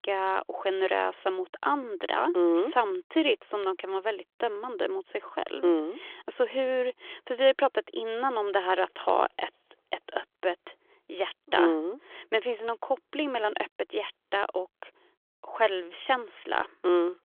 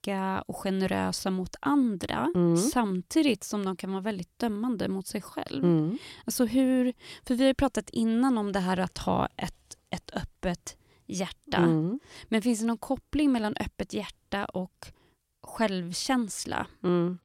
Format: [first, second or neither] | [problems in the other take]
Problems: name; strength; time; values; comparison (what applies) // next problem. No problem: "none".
second | phone-call audio